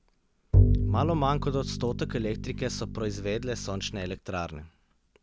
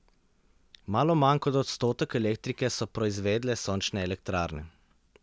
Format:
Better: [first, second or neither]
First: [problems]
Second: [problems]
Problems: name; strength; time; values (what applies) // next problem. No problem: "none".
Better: second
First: background sound (Bowed string instrument); 4 dB above the speech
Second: none